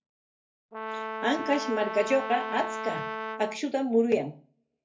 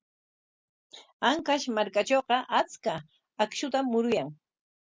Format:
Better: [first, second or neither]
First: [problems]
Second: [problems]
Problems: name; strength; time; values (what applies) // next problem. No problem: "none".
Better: second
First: background sound (Brass instrument); 6 dB below the speech // room echo; dies away in 0.3 s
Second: none